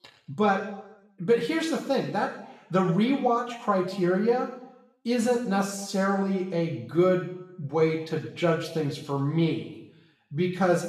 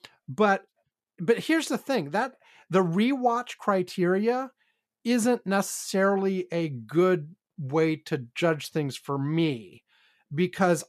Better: second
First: room echo; noticeable; dies away in 0.8 s // off-mic speech; far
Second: none

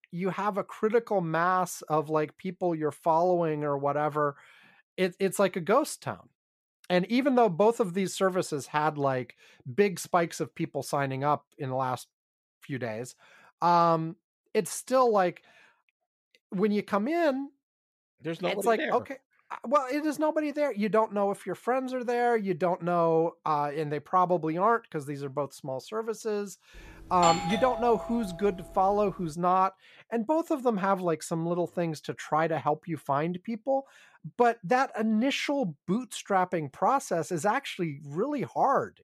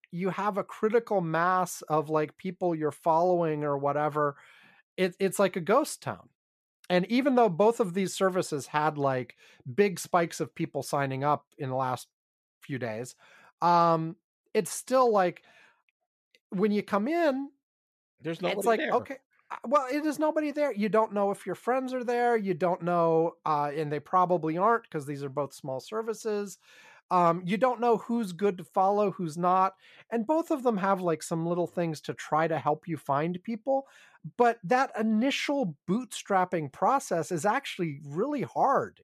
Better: second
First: doorbell; loud; at 27 s; peak level with the speech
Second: none

